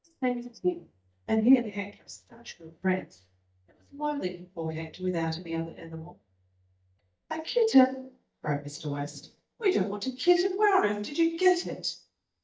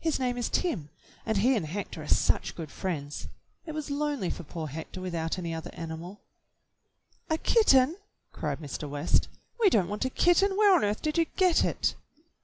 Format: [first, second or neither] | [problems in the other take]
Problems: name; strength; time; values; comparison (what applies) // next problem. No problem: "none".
second | noise reduction (neural mask model DeepFilterNet 3)